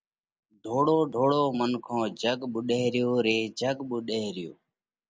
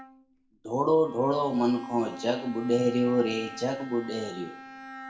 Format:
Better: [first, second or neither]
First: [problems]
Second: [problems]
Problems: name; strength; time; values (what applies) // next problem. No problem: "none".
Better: first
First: none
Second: background sound (Bowed string instrument); 16 dB below the speech // room echo; dies away in 0.5 s